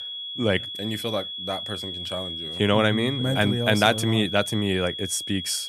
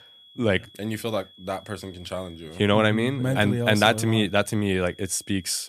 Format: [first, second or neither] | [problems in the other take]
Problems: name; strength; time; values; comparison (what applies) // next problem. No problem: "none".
second | high-pitched whine; loud; throughout; 3.5 kHz, 6 dB below the speech; faint in the second